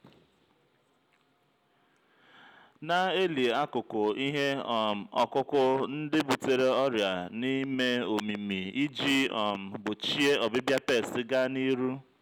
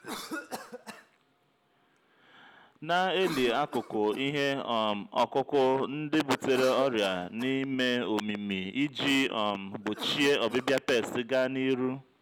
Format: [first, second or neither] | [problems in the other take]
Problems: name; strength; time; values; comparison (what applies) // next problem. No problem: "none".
first | background sound (Cough); 16 dB below the speech